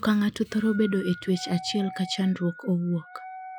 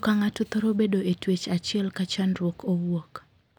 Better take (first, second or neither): second